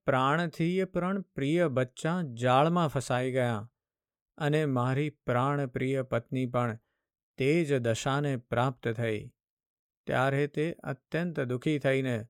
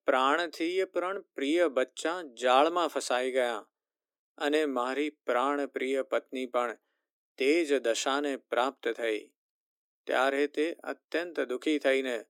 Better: first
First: none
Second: thin; somewhat; fading below 300 Hz

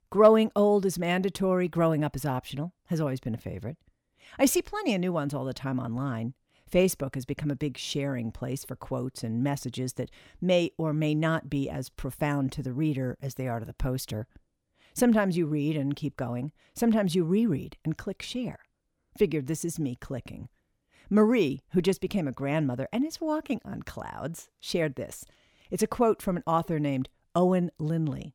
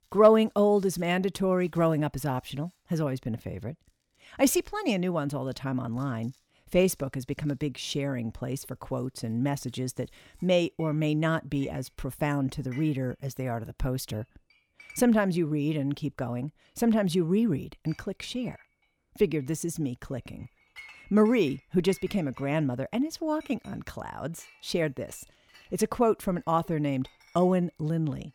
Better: first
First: none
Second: household noises; faint; throughout; 25 dB below the speech

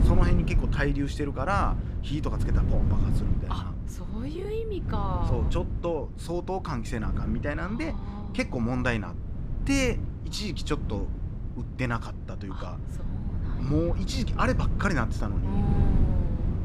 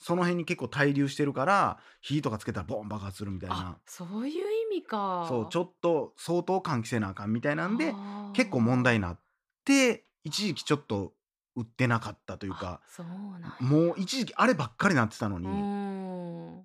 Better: second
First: wind noise on the microphone; occasional gusts; 10 dB below the speech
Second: none

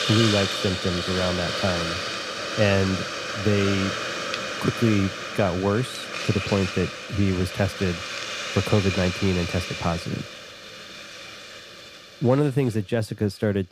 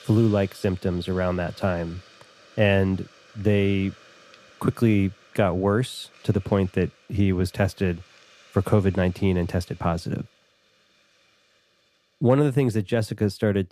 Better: second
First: hiss; loud; throughout; 4 dB below the speech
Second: hiss; faint; throughout; 25 dB below the speech

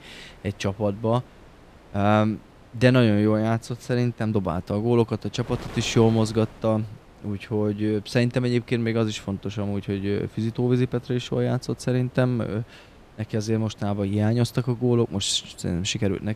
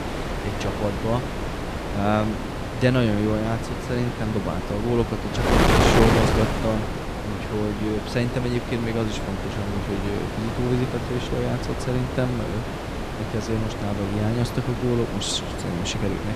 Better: first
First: wind noise on the microphone; occasional gusts; 20 dB below the speech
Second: wind noise on the microphone; heavy; 1 dB above the speech

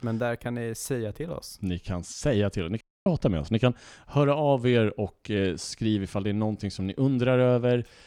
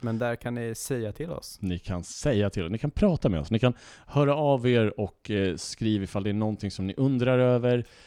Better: second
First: audio cutting out; at 3 s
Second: none

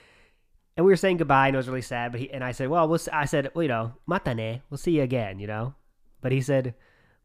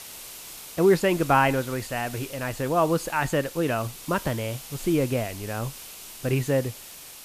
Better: first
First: none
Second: hiss; noticeable; throughout; 15 dB below the speech

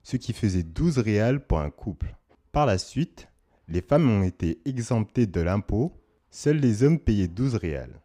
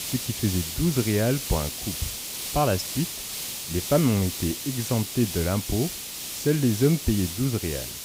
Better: first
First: none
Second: hiss; loud; throughout; 5 dB below the speech

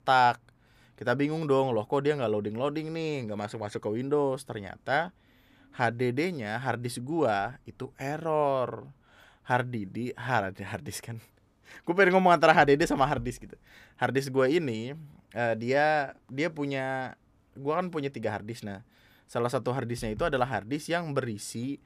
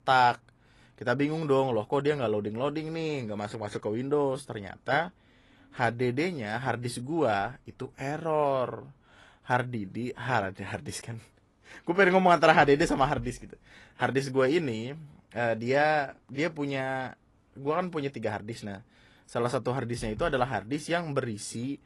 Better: first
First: none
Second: garbled, watery; slightly; nothing above 11 kHz

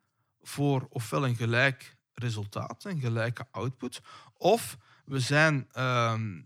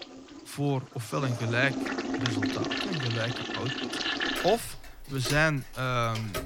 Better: first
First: none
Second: household noises; loud; throughout; 2 dB below the speech

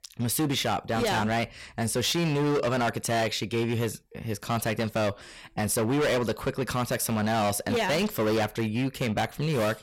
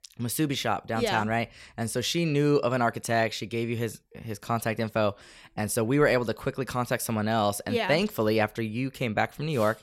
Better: second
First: distortion; heavy; 20% of the sound clipped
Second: none

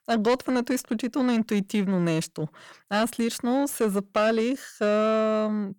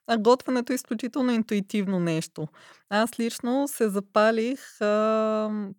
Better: second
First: distortion; slight; 10 dB below the speech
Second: none

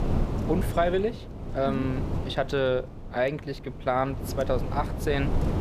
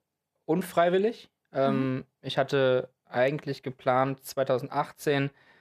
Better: second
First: wind noise on the microphone; occasional gusts; 10 dB below the speech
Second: none

